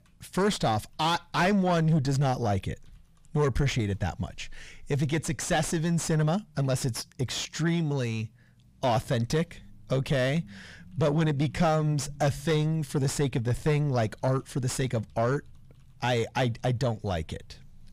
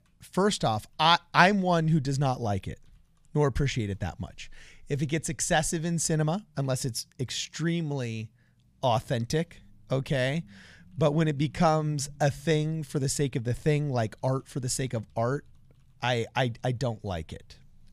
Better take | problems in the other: second | distortion; heavy; 7 dB below the speech

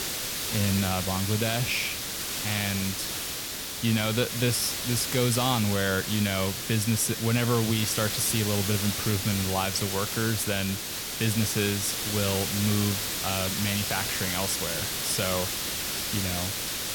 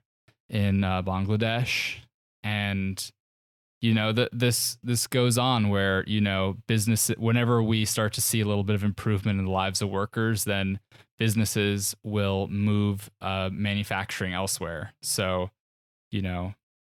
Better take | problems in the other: second | hiss; loud; throughout; 1 dB below the speech

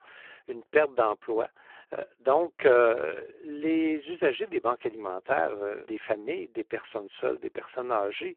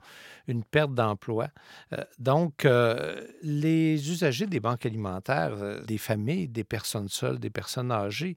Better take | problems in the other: second | phone-call audio; poor line

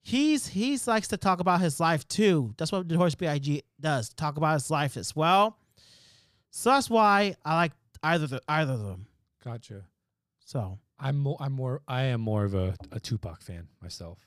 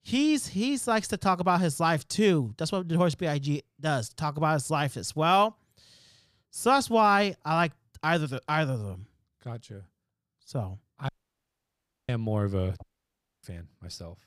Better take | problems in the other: first | audio cutting out; at 11 s for 1 s and at 13 s for 0.5 s

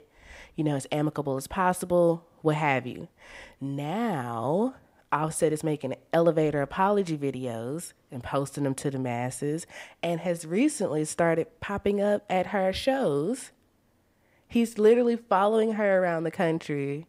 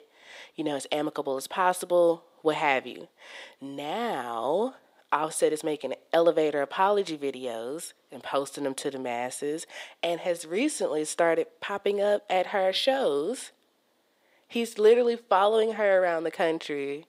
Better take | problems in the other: first | thin; somewhat; fading below 400 Hz

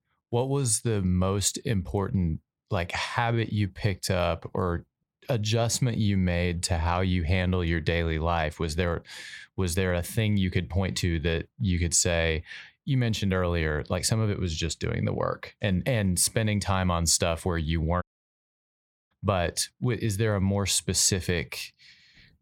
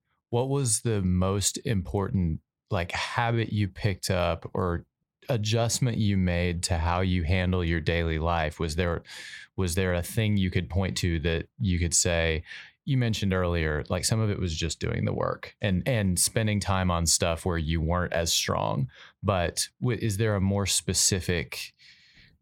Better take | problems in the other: second | audio cutting out; at 18 s for 1 s

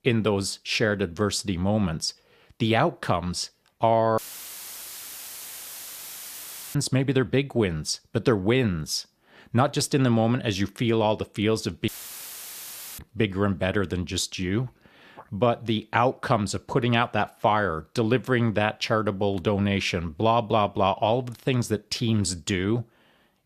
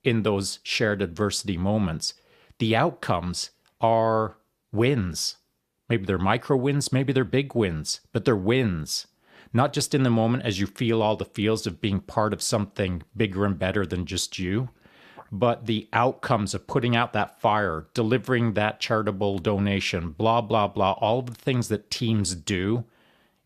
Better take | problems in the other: second | audio cutting out; filled with static; at 4 s for 2.5 s and at 12 s for 1 s

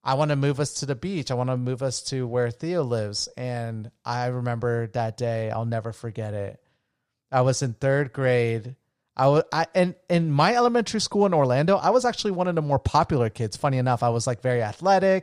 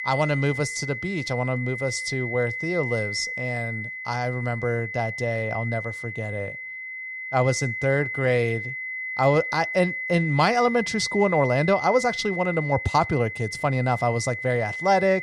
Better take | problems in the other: first | high-pitched whine; loud; throughout; 2 kHz, 6 dB below the speech

